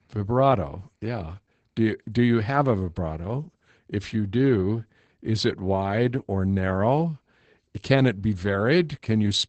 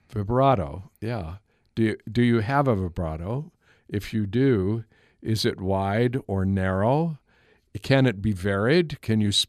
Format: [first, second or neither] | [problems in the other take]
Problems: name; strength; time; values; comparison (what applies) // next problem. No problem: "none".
second | garbled, watery; badly; nothing above 8 kHz